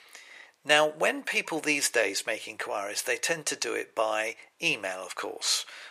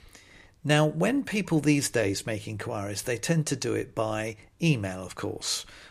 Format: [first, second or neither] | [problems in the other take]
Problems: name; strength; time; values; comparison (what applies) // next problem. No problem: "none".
second | thin; very; fading below 650 Hz